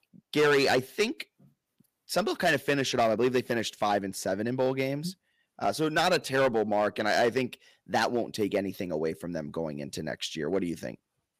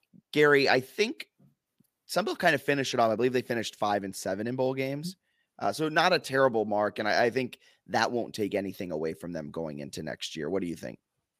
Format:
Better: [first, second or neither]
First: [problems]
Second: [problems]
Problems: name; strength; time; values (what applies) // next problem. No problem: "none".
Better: second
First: distortion; slight; 4% of the sound clipped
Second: none